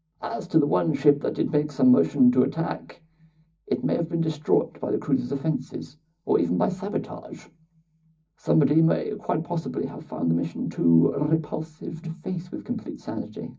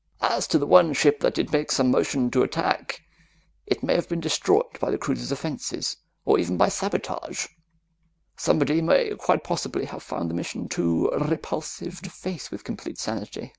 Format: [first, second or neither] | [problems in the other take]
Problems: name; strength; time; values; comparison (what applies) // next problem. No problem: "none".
second | room echo; dies away in 0.4 s